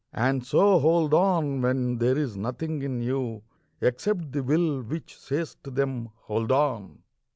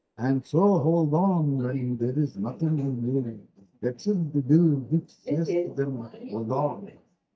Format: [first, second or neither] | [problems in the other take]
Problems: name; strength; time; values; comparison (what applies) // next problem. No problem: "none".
first | noise reduction (neural mask model DeepFilterNet 3)